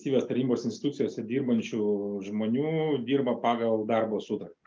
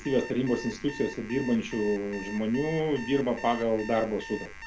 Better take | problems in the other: first | background sound (Alarm); 14 dB below the speech

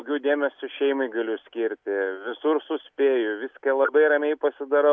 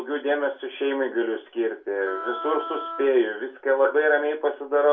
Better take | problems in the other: first | background sound (Wind instrument, woodwind instrument); 11 dB below the speech // room echo; dies away in 0.3 s

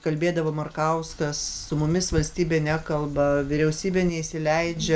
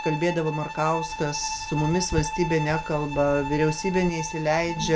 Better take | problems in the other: first | background sound (Bowed string instrument); 8 dB below the speech

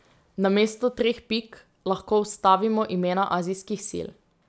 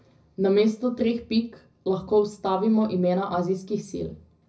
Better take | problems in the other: first | room echo; dies away in 0.4 s

